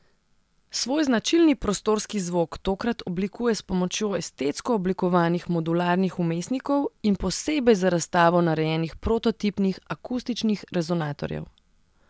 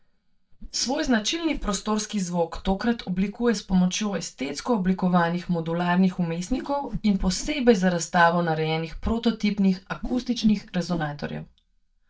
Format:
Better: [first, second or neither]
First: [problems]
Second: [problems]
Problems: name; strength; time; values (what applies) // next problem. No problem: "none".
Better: first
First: none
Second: noise reduction (neural mask model DeepFilterNet 3)